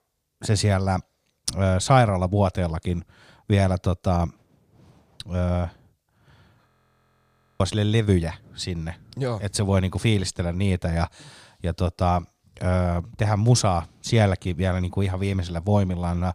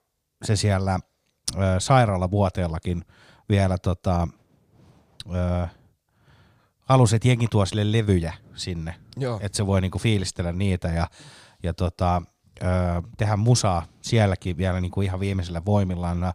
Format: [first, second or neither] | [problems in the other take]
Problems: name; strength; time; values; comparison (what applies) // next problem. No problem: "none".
second | audio freezing; at 6.5 s for 1 s